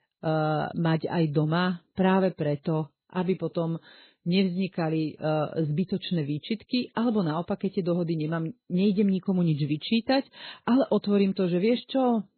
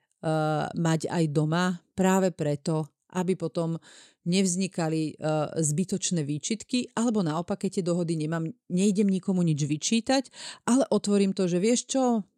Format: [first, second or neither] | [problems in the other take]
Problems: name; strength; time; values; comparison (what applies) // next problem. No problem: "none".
second | garbled, watery; badly; nothing above 4 kHz